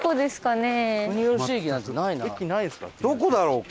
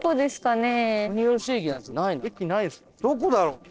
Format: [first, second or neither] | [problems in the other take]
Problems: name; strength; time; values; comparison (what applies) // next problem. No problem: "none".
first | noise reduction (neural separator model SepFormer DNS4)